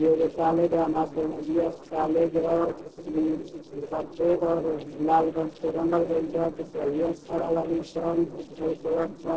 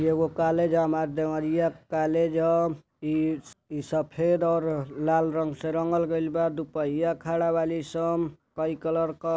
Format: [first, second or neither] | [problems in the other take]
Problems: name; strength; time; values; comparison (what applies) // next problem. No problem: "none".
second | noise reduction (neural separator model SepFormer DNS4)